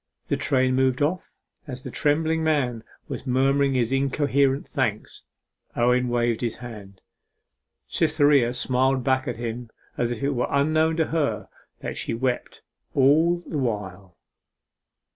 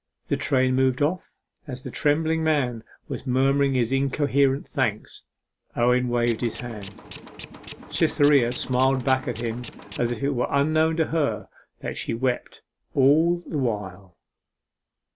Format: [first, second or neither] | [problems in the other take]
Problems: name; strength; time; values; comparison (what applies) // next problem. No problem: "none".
first | background sound (Tools); 15 dB below the speech